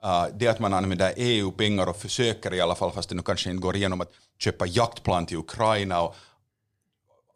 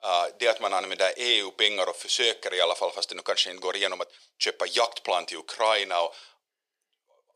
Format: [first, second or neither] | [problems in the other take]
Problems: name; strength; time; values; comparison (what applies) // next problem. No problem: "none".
first | thin; very; fading below 450 Hz